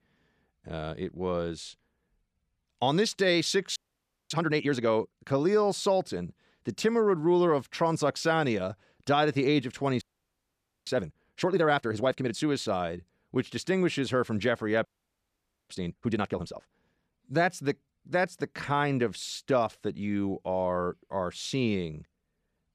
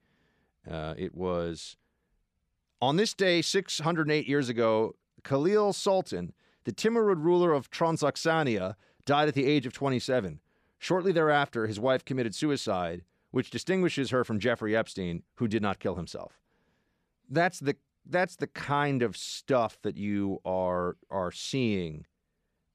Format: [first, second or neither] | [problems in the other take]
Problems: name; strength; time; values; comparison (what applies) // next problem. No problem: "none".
second | audio freezing; at 4 s for 0.5 s, at 10 s for 1 s and at 15 s for 1 s